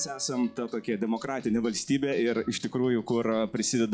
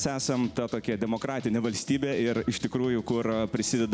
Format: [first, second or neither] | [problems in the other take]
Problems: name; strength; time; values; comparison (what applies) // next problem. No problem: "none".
second | noise reduction (classical method log-MMSE)